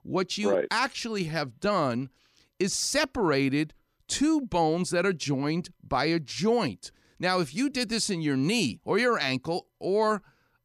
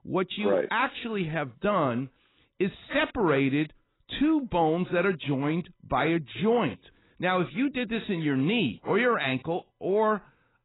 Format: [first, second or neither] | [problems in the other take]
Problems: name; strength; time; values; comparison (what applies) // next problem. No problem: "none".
first | garbled, watery; badly; nothing above 4 kHz